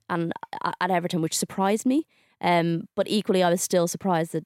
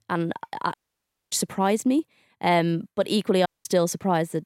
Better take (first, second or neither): first